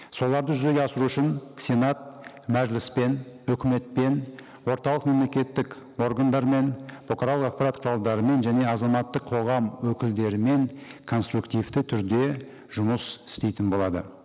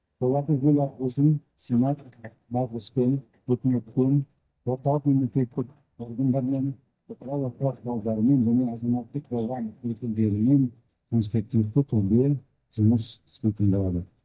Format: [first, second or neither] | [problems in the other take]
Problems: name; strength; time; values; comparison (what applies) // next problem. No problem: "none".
first | noise reduction (neural mask model DeepFilterNet 3)